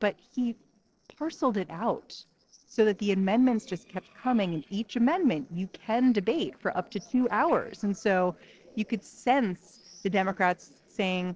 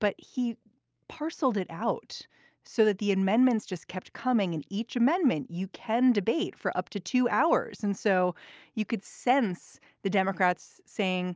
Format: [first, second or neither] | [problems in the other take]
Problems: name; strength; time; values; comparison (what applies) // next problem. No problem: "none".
second | noise reduction (neural separator model SepFormer DNS4)